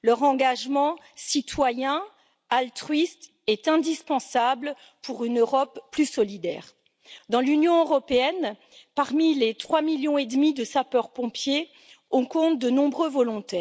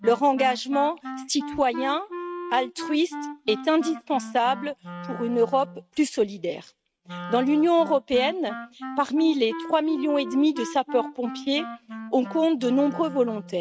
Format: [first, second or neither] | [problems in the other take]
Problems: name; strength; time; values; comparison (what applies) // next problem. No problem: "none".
first | noise reduction (neural mask model RNNoise)